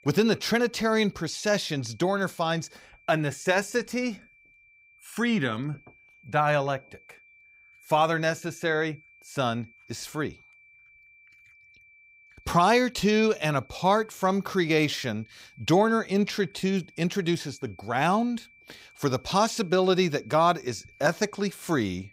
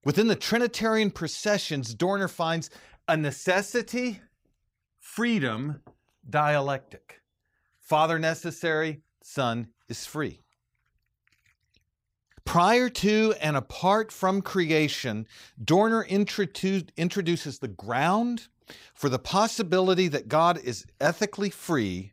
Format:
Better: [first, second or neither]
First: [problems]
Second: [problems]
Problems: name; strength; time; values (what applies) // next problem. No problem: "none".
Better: second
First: high-pitched whine; faint; throughout; 2.5 kHz, 30 dB below the speech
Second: none